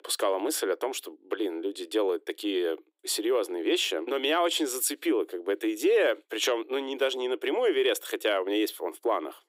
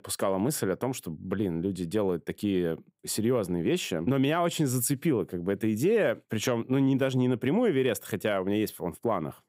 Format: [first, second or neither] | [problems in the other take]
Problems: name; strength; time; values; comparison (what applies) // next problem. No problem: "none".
second | thin; very; fading below 300 Hz